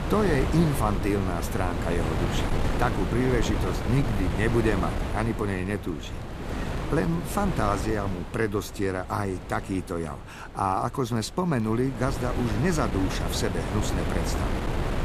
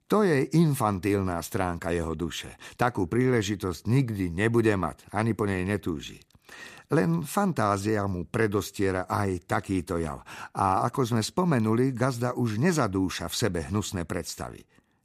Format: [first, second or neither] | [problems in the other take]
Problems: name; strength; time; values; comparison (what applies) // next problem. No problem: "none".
second | wind noise on the microphone; heavy; 5 dB below the speech